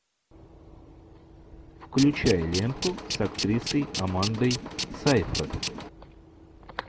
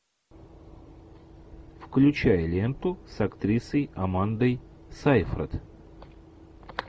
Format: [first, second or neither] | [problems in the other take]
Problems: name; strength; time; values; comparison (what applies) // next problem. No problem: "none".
second | background sound (Tools); 5 dB below the speech